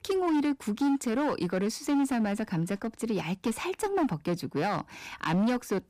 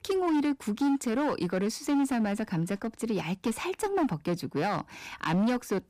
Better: neither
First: distortion; slight; 14% of the sound clipped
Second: distortion; slight; 14% of the sound clipped

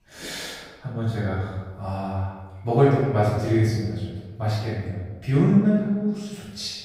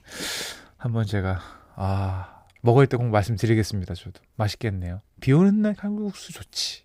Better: second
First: room echo; strong; dies away in 1.1 s // off-mic speech; far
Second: none

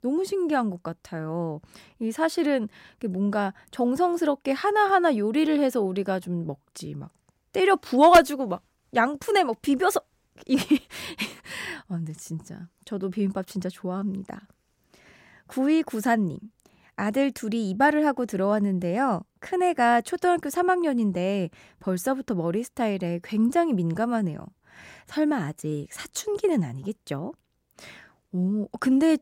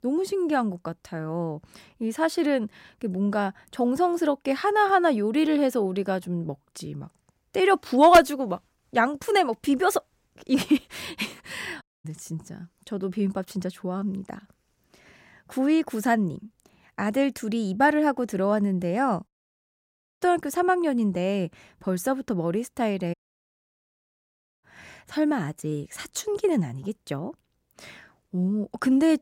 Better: first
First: none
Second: audio cutting out; at 12 s, at 19 s for 1 s and at 23 s for 1.5 s

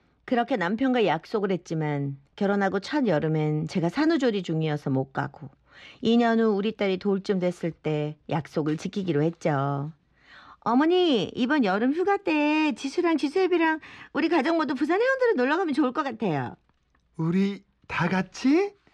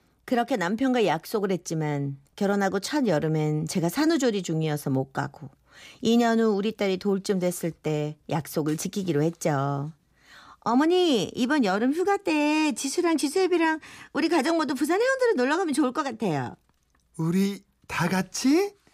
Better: second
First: muffled; very slightly; fading above 3 kHz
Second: none

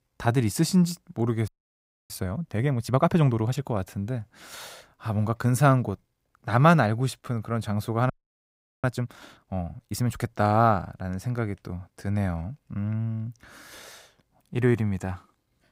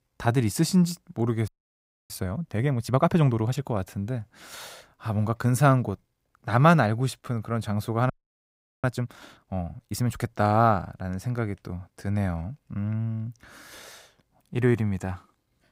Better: neither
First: audio freezing; at 1.5 s for 0.5 s and at 8 s for 0.5 s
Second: audio freezing; at 1.5 s for 0.5 s and at 8 s for 0.5 s

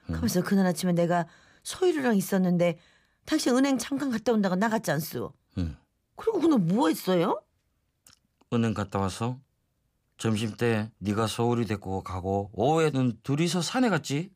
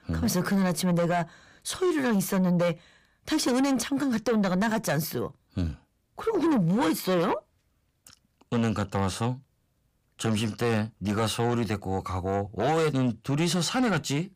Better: first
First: none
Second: distortion; slight; 10 dB below the speech

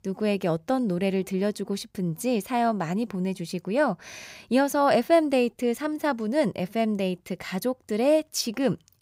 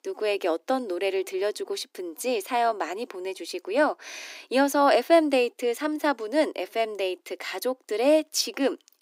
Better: first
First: none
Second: thin; very slightly; fading below 250 Hz

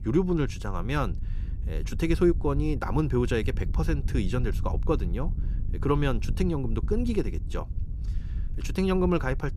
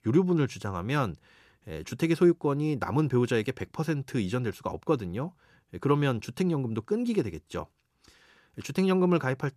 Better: second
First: wind noise on the microphone; occasional gusts; 20 dB below the speech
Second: none

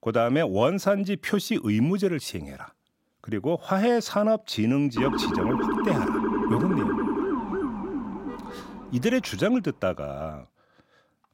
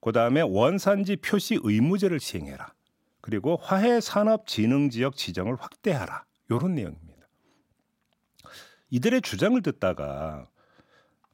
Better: second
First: siren; loud; from 5 to 9 s; peak 1 dB above the speech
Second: none

